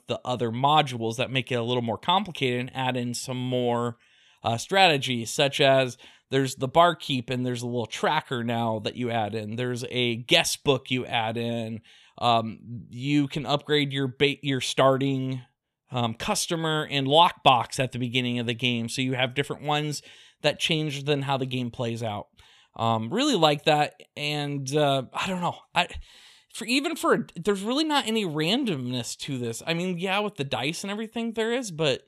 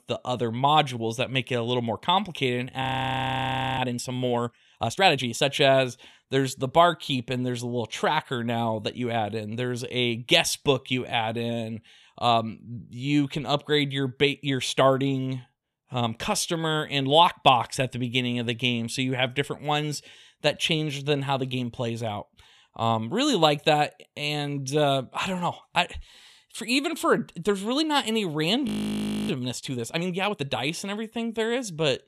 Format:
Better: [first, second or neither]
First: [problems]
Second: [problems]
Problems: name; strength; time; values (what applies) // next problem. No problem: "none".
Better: first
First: none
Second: audio freezing; at 3 s for 1 s and at 29 s for 0.5 s